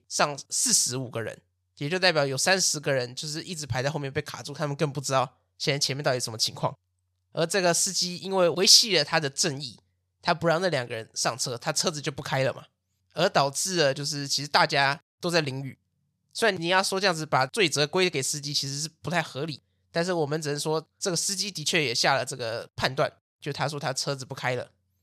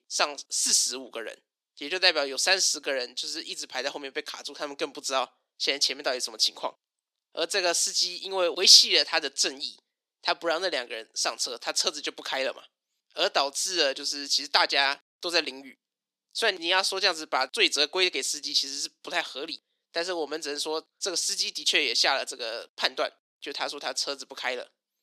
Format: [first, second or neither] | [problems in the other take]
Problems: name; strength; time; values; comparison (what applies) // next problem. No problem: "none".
first | thin; somewhat; fading below 250 Hz